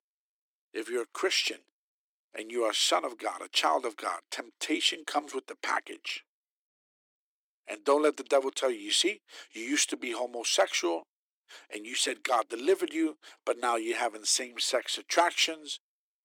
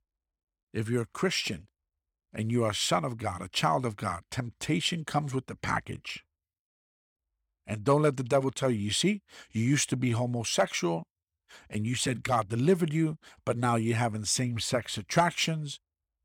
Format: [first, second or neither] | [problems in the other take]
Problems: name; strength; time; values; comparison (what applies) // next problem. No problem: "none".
second | thin; very; fading below 300 Hz